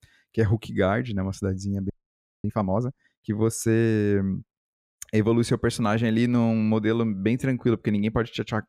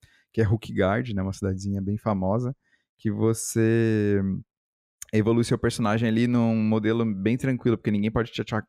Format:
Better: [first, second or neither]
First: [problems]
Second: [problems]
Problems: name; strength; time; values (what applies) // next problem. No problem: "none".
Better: second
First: audio freezing; at 2 s for 0.5 s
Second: none